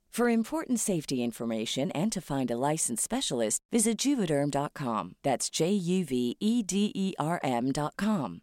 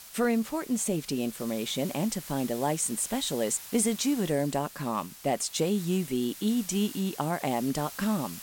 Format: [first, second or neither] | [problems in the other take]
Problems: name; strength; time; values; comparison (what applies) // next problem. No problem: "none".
first | hiss; noticeable; throughout; 15 dB below the speech